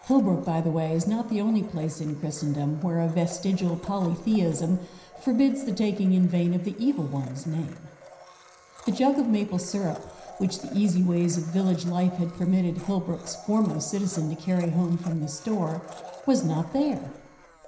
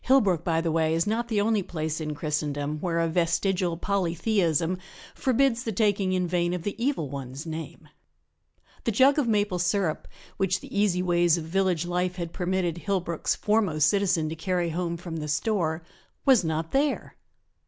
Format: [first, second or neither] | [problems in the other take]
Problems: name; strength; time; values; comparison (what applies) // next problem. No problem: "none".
second | background sound (Domestic sounds, home sounds); 20 dB below the speech // room echo; dies away in 0.9 s